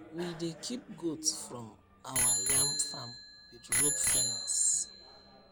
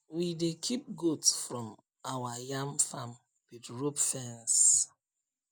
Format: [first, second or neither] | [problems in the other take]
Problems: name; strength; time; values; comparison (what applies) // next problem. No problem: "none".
second | background sound (Bicycle bell); 3 dB above the speech